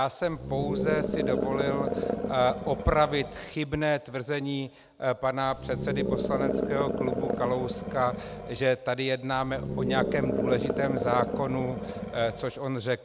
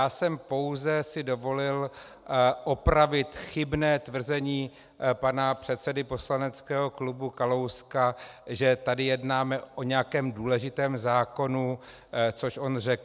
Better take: second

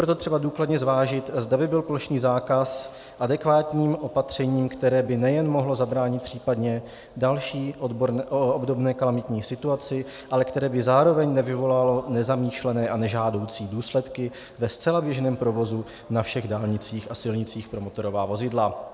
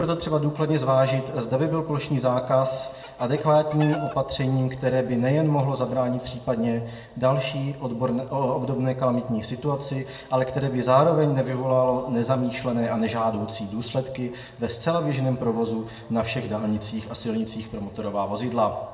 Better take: first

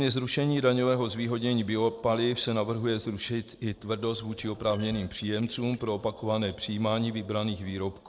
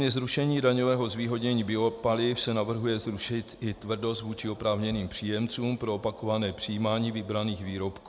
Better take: second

